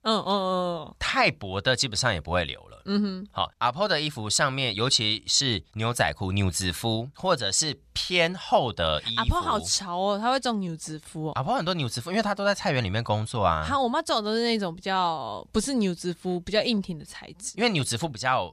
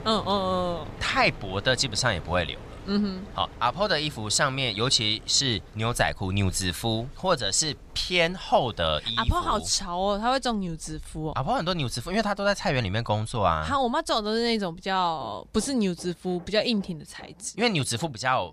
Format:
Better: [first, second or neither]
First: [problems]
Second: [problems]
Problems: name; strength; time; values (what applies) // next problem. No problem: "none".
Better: first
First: none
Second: machinery noise; faint; throughout; 20 dB below the speech